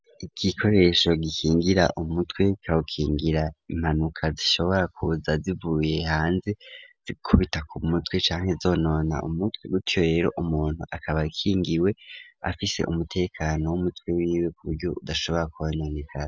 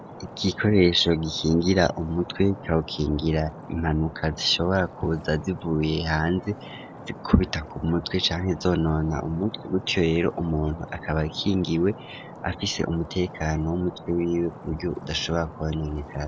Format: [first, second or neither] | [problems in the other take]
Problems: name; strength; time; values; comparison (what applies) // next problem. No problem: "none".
first | background sound (Stream); 16 dB below the speech